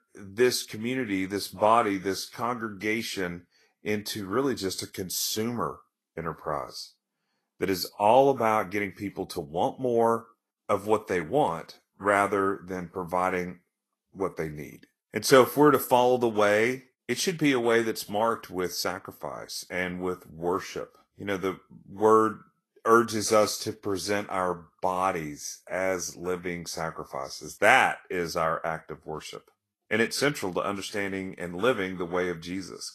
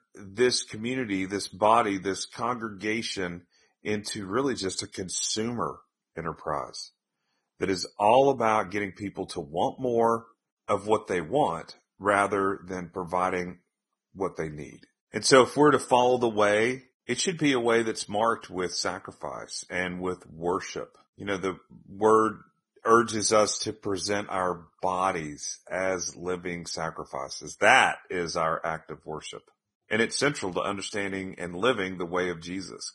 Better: first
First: garbled, watery; slightly; nothing above 13 kHz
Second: garbled, watery; badly

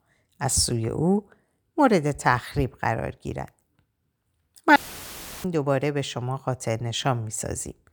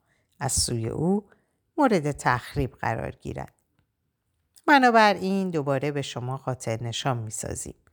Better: second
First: audio cutting out; filled with static; at 5 s for 0.5 s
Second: none

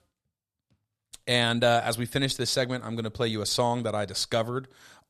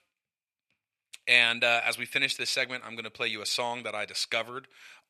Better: first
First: none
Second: thin; somewhat; fading below 1 kHz

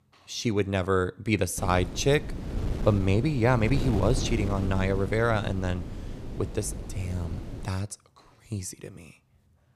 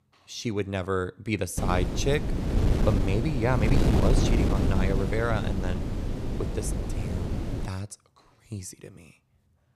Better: first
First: wind noise on the microphone; occasional gusts; from 1.5 to 7.5 s; 15 dB below the speech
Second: wind noise on the microphone; heavy; from 1.5 to 7.5 s; 4 dB below the speech

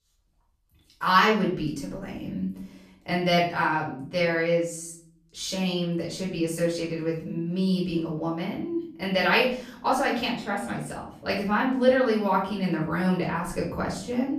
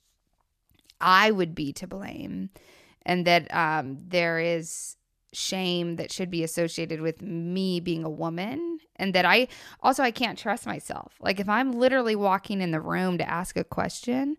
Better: second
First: off-mic speech; far // room echo; noticeable; dies away in 0.5 s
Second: none

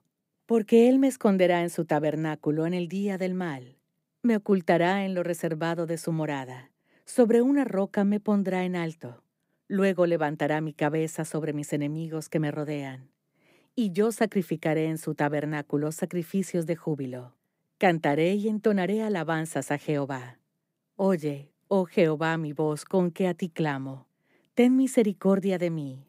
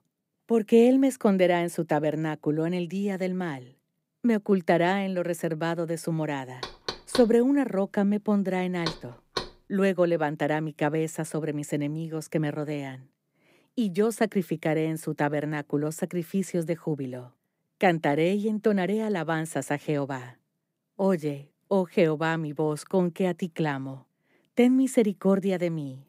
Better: first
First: none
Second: door banging; noticeable; from 6.5 to 9.5 s; peak 7 dB below the speech

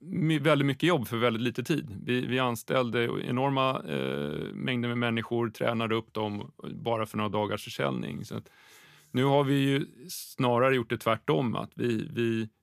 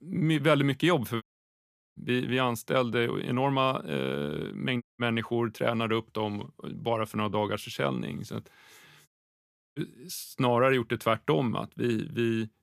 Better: first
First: none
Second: audio cutting out; at 1 s for 0.5 s, at 5 s and at 9 s for 0.5 s

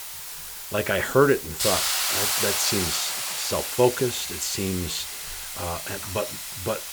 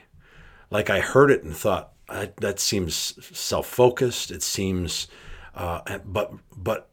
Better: second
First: hiss; loud; throughout; 1 dB below the speech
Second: none

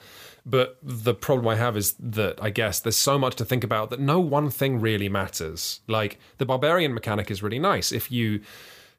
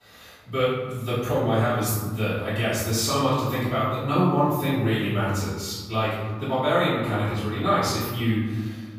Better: first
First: none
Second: room echo; strong; dies away in 1.3 s // off-mic speech; far

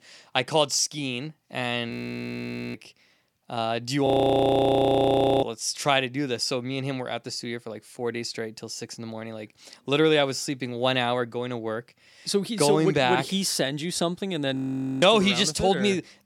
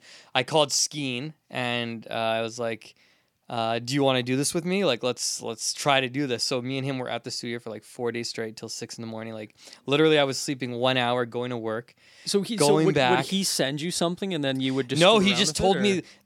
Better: second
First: audio freezing; at 2 s for 1 s, at 4 s for 1.5 s and at 15 s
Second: none

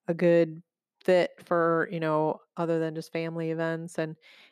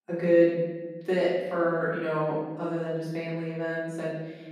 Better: first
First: none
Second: off-mic speech; far // room echo; strong; dies away in 1.3 s

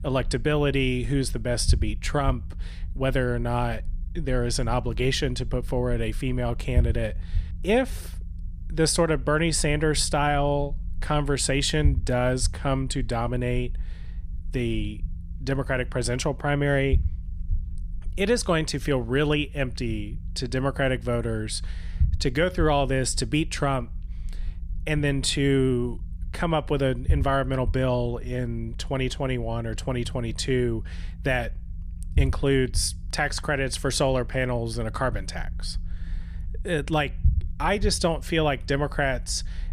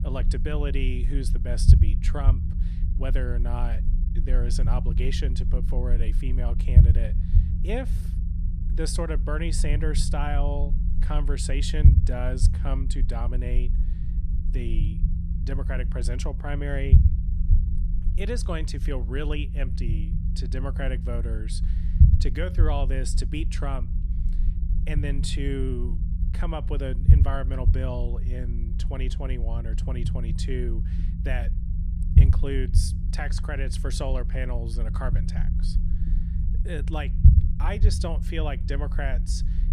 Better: first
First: low rumble; faint; throughout; 25 dB below the speech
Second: low rumble; loud; throughout; 6 dB below the speech

